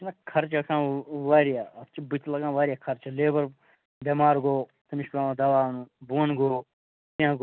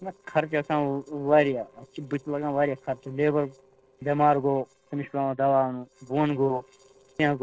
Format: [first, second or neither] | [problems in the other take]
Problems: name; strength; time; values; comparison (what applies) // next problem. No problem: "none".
first | noise reduction (neural separator model SepFormer DNS4)